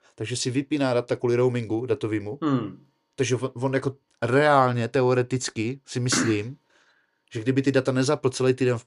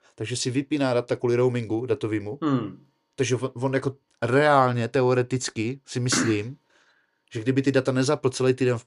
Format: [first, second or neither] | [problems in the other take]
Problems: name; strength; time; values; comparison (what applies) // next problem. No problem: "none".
neither | none